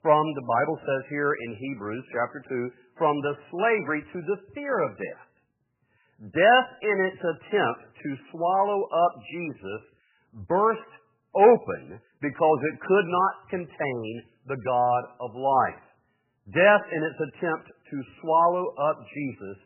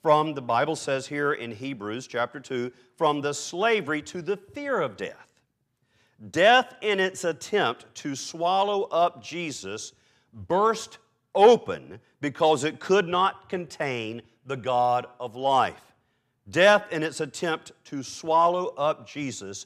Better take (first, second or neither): second